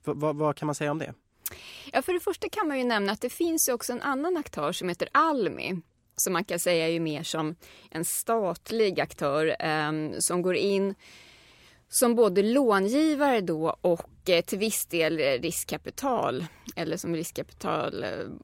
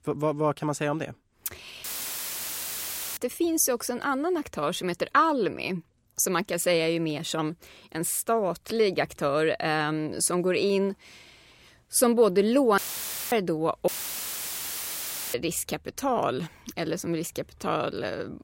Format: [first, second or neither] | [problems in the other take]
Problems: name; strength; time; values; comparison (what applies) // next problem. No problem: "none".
first | audio cutting out; filled with static; at 2 s for 1.5 s, at 13 s for 0.5 s and at 14 s for 1.5 s